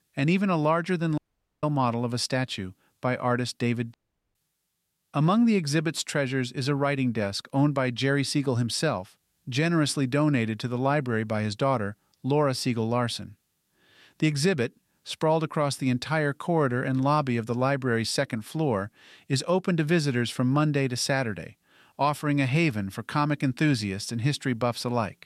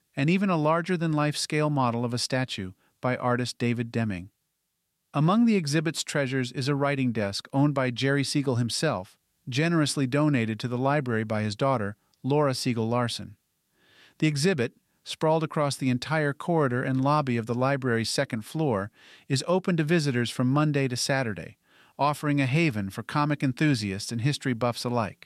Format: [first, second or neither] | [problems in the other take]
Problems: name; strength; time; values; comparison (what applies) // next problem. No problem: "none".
second | audio cutting out; at 1 s and at 4 s